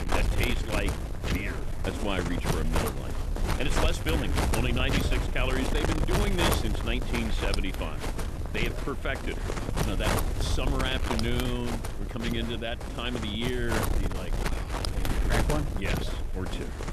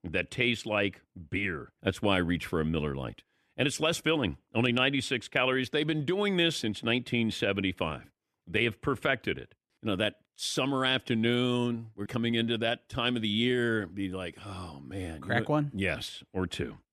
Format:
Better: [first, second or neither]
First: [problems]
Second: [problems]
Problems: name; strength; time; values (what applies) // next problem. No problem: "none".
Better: second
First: wind noise on the microphone; heavy; as loud as the speech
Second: none